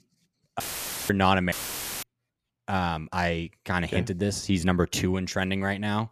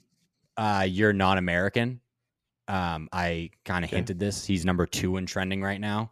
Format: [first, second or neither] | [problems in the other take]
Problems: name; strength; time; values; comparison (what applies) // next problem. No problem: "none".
second | audio cutting out; filled with static; at 0.5 s and at 1.5 s for 0.5 s